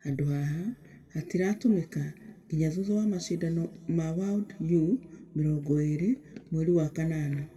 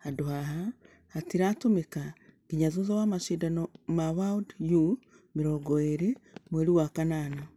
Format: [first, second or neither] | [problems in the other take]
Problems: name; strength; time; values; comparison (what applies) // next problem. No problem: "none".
second | room echo; dies away in 1.5 s